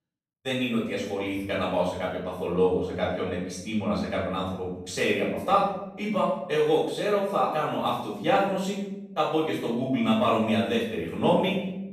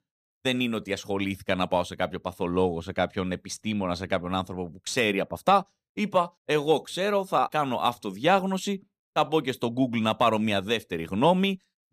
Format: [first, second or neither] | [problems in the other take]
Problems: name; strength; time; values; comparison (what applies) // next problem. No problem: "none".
second | off-mic speech; far // room echo; noticeable; dies away in 0.8 s